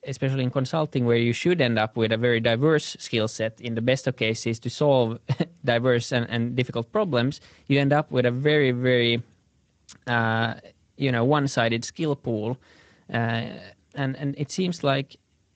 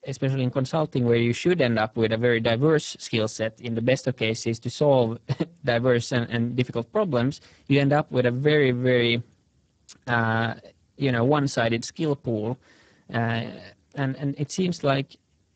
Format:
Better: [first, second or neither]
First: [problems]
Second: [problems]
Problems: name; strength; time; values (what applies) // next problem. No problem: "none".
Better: first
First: garbled, watery; slightly; nothing above 8 kHz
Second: garbled, watery; badly; nothing above 8 kHz